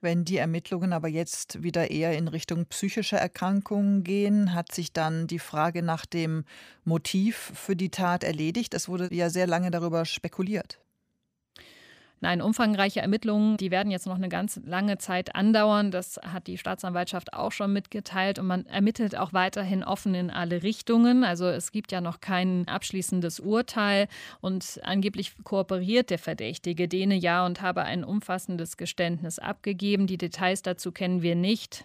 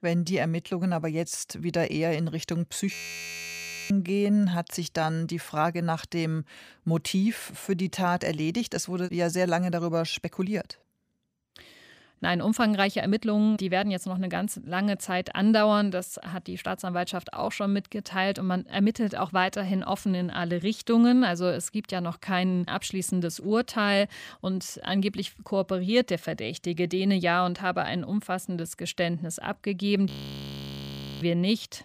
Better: first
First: none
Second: audio freezing; at 3 s for 1 s and at 30 s for 1 s

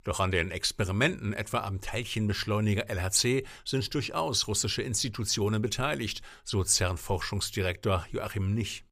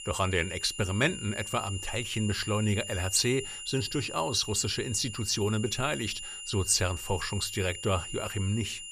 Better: first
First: none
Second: high-pitched whine; loud; throughout; 3 kHz, 9 dB below the speech

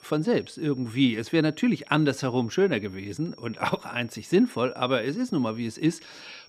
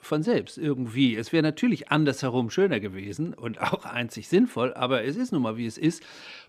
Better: second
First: high-pitched whine; faint; throughout; 5.5 kHz, 25 dB below the speech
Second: none

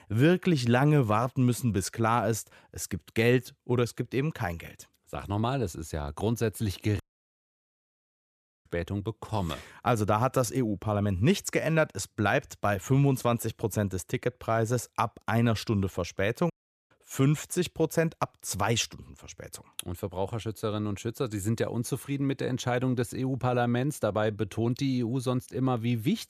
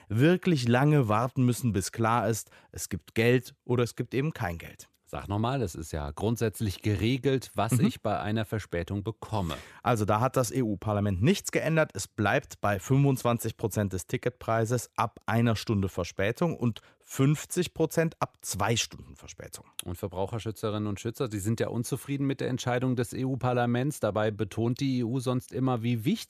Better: second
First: audio cutting out; at 7 s for 1.5 s and at 17 s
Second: none

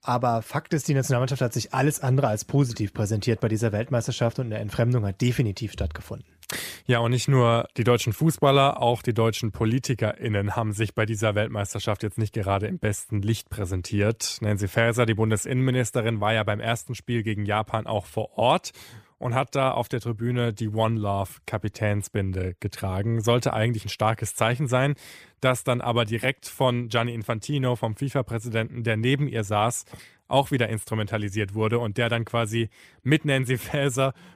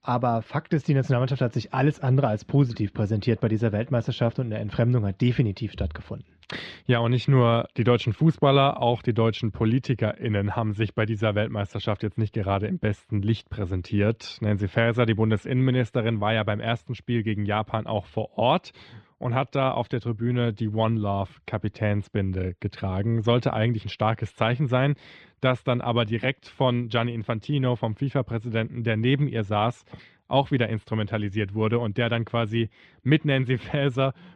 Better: first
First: none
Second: muffled; slightly; fading above 4 kHz

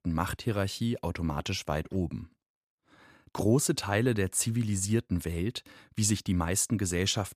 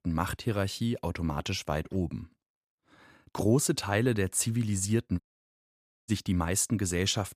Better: first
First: none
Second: audio cutting out; at 5 s for 1 s

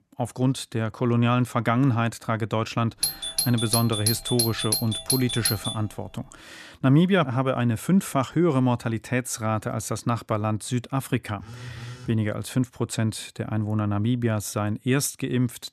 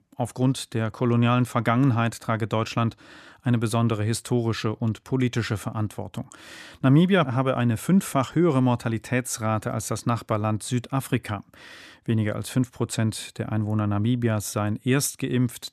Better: second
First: doorbell; loud; from 3 to 5.5 s; peak 2 dB above the speech // phone ringing; faint; at 11 s; peak 15 dB below the speech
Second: none

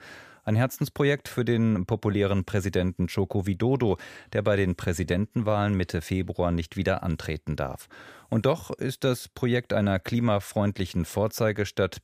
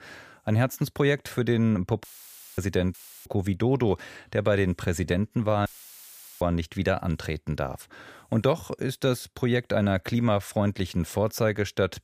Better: first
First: none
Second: audio cutting out; filled with static; at 2 s for 0.5 s, at 3 s and at 5.5 s for 1 s

